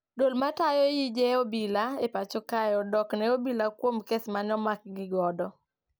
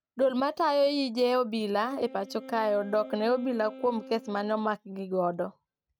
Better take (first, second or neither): first